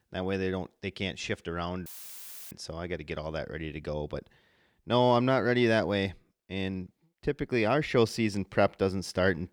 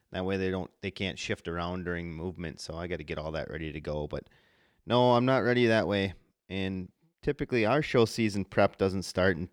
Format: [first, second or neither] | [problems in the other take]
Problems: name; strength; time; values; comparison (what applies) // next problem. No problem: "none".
second | audio cutting out; filled with static; at 2 s for 0.5 s